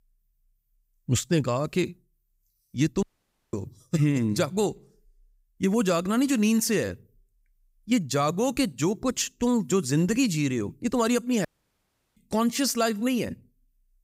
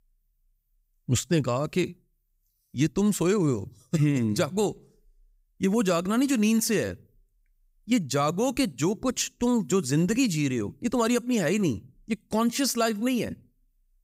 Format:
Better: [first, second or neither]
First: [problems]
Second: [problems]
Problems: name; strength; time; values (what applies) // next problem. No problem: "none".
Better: second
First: audio cutting out; at 3 s for 0.5 s and at 11 s for 0.5 s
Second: none